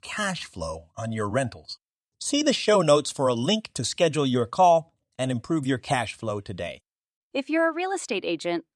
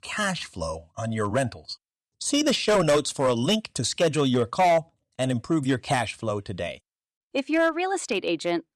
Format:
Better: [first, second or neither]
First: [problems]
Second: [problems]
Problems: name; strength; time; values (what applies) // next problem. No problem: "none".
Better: first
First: none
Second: distortion; slight; 4% of the sound clipped